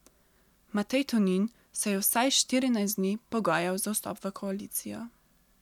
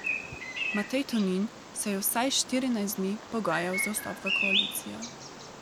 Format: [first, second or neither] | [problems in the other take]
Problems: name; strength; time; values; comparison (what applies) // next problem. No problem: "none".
first | background sound (Bird vocalization, bird call, bird song); 4 dB below the speech